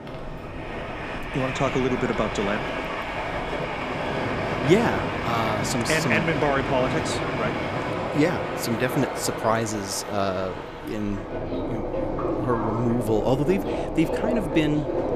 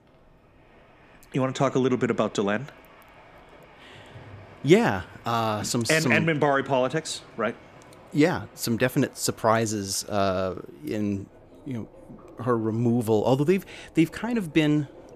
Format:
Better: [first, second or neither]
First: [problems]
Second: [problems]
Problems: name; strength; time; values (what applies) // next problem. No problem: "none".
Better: second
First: train or aircraft noise; loud; throughout; 3 dB below the speech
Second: train or aircraft noise; faint; throughout; 25 dB below the speech